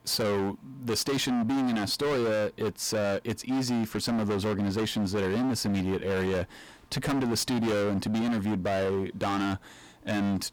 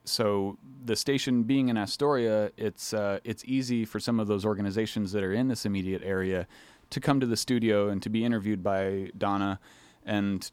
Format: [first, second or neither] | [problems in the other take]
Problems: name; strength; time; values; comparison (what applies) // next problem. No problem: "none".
second | distortion; heavy; 31% of the sound clipped